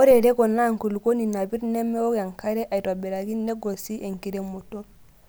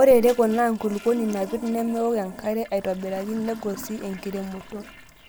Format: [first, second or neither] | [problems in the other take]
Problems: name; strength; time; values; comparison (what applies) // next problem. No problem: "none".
first | background sound (Toilet flush); 18 dB below the speech